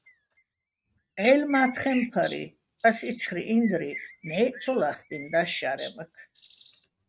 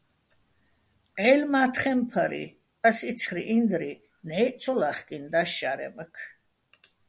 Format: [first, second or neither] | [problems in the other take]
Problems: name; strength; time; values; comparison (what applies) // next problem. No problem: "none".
second | noise reduction (neural mask model RNNoise)